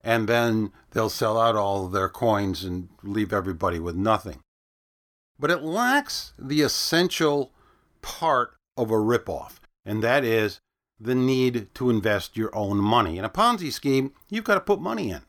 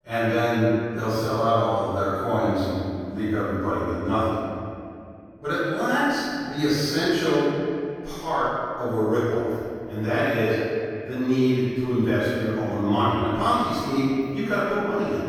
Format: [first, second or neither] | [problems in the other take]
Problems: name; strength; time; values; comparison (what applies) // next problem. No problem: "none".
first | off-mic speech; far // room echo; strong; dies away in 2.4 s